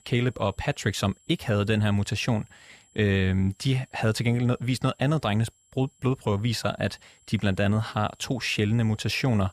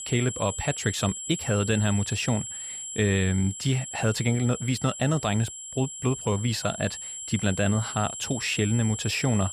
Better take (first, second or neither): first